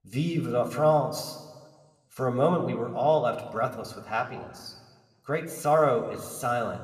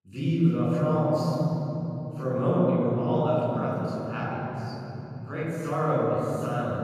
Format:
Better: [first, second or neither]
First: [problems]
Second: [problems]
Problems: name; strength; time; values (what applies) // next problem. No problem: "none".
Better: first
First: room echo; slight; dies away in 1.4 s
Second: room echo; strong; dies away in 3 s // off-mic speech; far